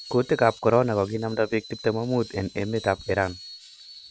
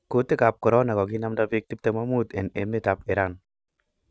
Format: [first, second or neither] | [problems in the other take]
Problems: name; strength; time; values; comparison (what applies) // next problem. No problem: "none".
second | background sound (Screech); 20 dB below the speech